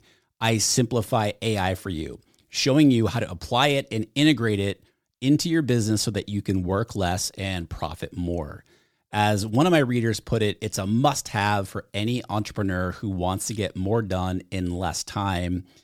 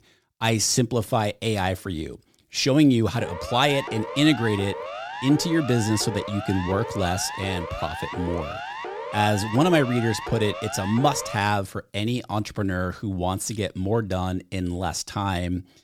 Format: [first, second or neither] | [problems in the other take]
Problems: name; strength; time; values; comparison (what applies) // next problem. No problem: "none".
first | siren; noticeable; from 3 to 11 s; peak 8 dB below the speech